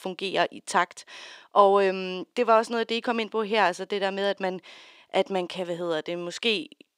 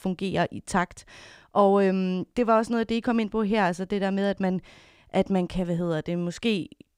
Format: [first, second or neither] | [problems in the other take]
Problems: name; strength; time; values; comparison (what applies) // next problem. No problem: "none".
second | thin; somewhat; fading below 400 Hz